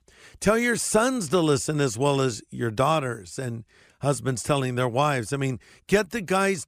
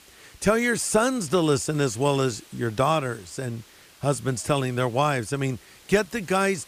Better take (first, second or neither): first